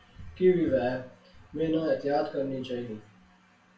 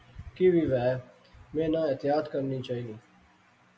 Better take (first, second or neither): second